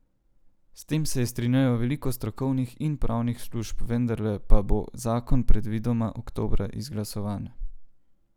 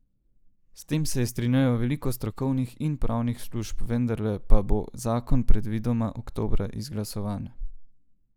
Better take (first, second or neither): first